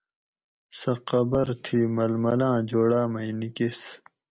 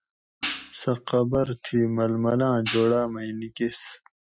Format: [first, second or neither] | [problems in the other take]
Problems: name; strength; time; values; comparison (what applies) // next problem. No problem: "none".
first | noise reduction (classical method Wiener filter)